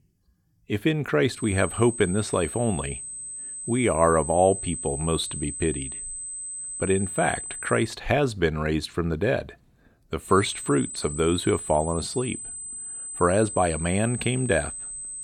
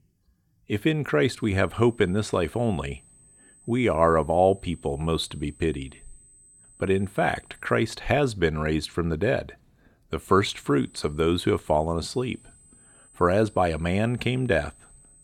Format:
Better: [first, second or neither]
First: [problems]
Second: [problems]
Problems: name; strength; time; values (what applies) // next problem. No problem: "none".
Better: second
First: high-pitched whine; loud; from 1.5 to 8 s and from 10 s on; 8 kHz, 8 dB below the speech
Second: high-pitched whine; faint; from 1.5 to 8 s and from 10 s on; 8 kHz, 25 dB below the speech